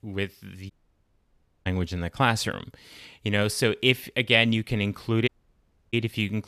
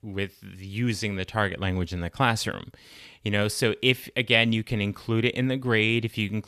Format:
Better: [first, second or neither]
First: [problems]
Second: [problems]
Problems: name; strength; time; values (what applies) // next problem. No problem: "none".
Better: second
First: audio cutting out; at 0.5 s for 1 s and at 5.5 s for 0.5 s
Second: none